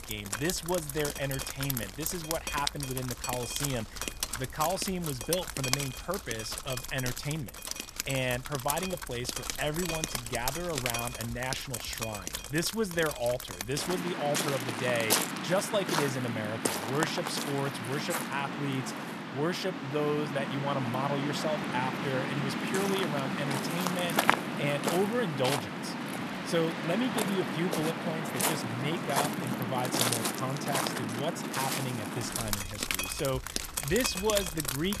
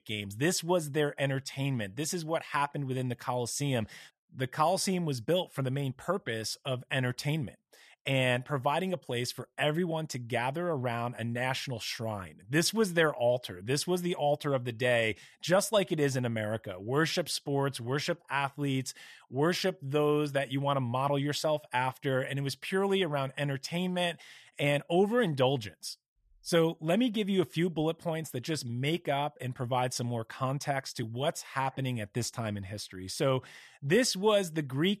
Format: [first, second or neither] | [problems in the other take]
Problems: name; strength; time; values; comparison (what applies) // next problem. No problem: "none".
second | rain or running water; very loud; throughout; as loud as the speech